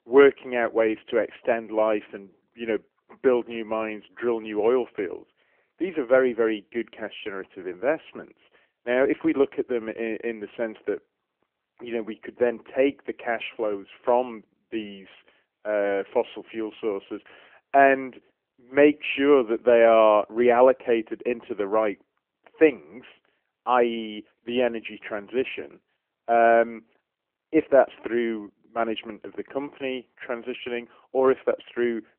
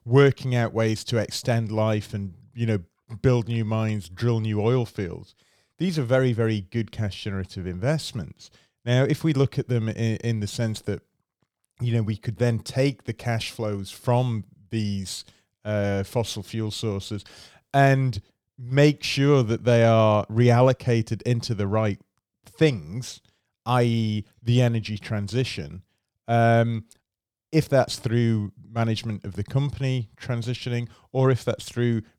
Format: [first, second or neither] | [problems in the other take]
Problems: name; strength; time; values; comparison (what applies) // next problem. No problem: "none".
second | phone-call audio; nothing above 3 kHz